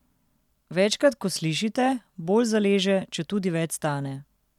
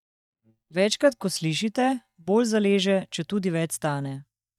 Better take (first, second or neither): first